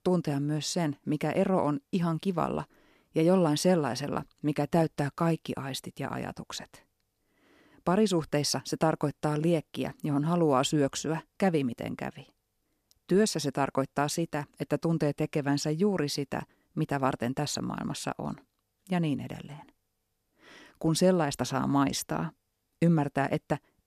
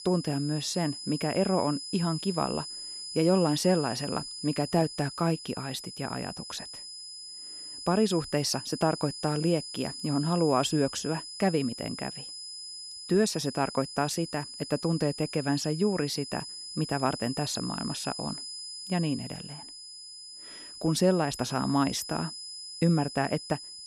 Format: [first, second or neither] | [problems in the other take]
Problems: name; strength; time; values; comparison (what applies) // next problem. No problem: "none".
first | high-pitched whine; loud; throughout; 5 kHz, 9 dB below the speech